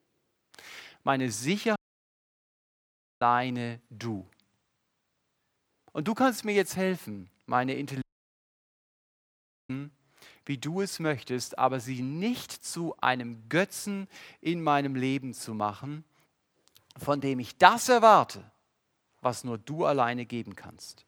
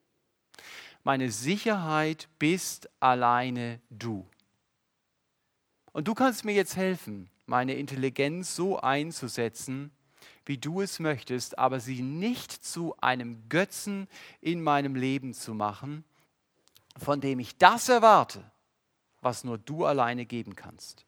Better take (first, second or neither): second